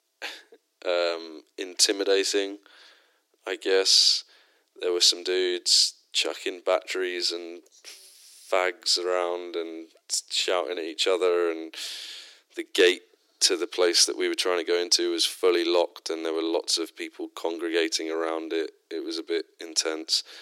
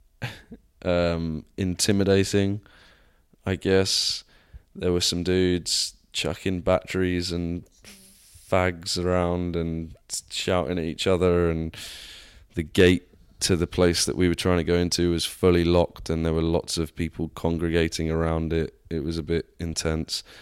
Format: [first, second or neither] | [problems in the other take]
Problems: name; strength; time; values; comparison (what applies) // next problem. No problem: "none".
second | thin; very; fading below 300 Hz